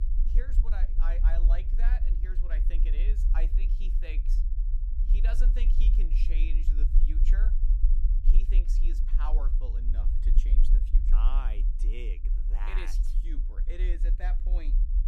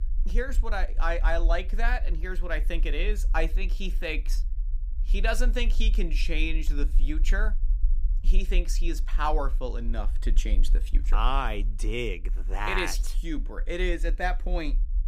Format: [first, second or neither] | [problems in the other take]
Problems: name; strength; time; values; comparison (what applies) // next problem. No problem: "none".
second | low rumble; loud; throughout; 7 dB below the speech; faint in the second